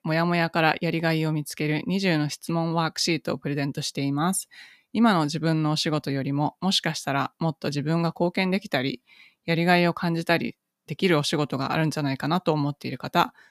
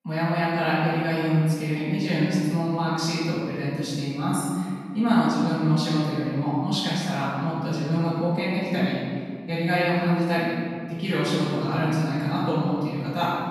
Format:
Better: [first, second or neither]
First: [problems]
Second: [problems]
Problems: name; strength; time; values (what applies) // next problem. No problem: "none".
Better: first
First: none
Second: room echo; strong; dies away in 2.1 s // off-mic speech; far